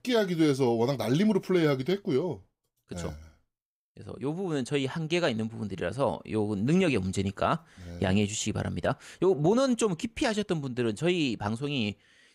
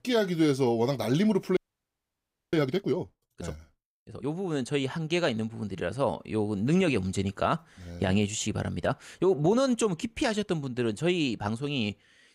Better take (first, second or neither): first